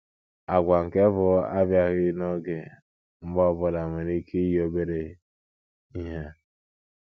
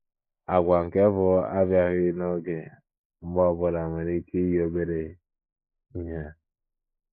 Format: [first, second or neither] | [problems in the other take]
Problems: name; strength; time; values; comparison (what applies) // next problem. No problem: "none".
first | noise reduction (neural mask model Resemble Enhance denoiser)